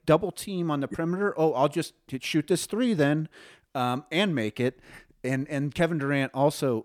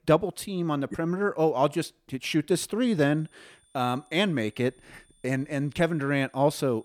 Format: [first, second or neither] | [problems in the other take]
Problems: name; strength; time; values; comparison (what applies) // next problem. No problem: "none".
first | high-pitched whine; faint; from 3 s on; 9 kHz, 35 dB below the speech